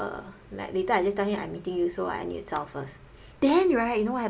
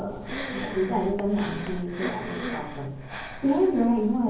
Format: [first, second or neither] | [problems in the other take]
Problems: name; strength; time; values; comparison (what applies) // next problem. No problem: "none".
first | background sound (Breathing); 9 dB below the speech // room echo; dies away in 0.9 s